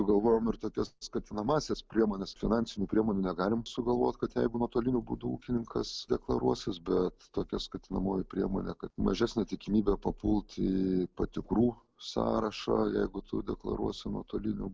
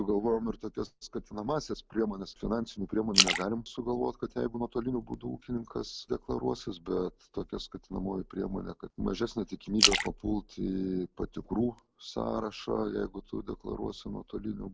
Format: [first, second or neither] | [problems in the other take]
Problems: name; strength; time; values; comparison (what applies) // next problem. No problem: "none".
first | background sound (Splash, splatter); 1 dB above the speech